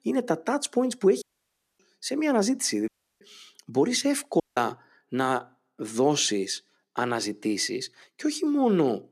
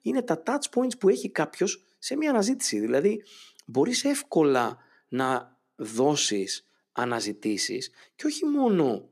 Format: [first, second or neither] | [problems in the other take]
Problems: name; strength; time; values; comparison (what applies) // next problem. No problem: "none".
second | audio cutting out; at 1 s for 0.5 s, at 3 s and at 4.5 s